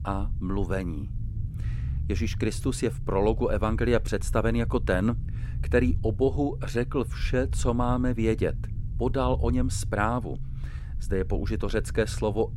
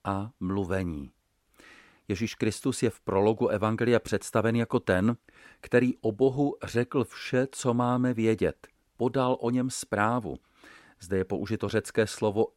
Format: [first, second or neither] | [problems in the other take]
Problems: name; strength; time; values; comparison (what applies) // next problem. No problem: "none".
second | low rumble; noticeable; throughout; 20 dB below the speech